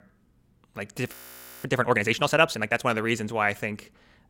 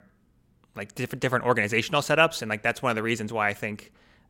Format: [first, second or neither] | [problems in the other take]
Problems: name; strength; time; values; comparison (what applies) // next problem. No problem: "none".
second | audio freezing; at 1 s for 0.5 s